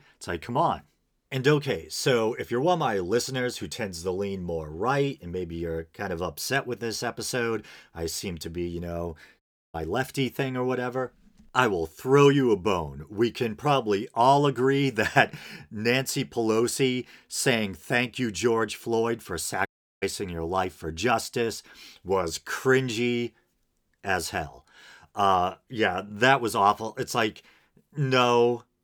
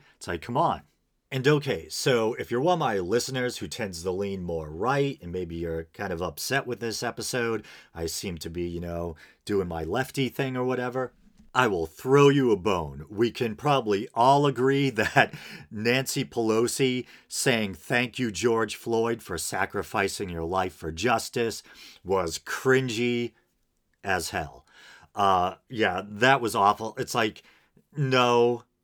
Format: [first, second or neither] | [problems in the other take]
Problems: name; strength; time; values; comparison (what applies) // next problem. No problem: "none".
second | audio cutting out; at 9.5 s and at 20 s